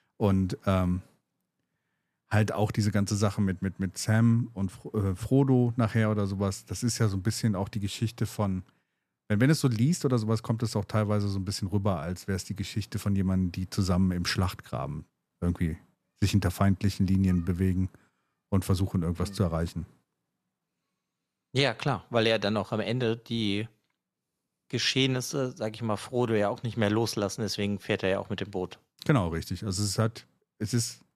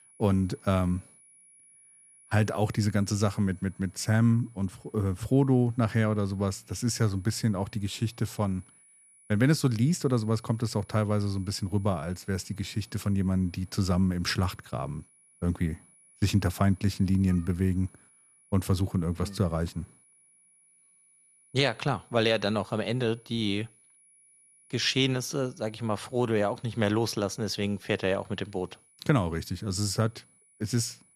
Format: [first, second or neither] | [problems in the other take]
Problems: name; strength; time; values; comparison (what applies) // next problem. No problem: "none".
first | high-pitched whine; faint; throughout; 10.5 kHz, 30 dB below the speech